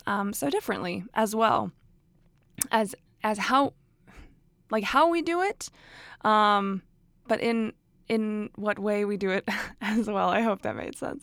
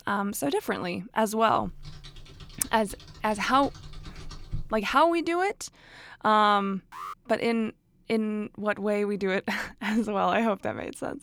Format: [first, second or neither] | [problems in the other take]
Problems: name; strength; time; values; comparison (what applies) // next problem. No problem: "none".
first | keyboard typing; faint; from 1.5 to 5 s; peak 15 dB below the speech // alarm; faint; at 7 s; peak 15 dB below the speech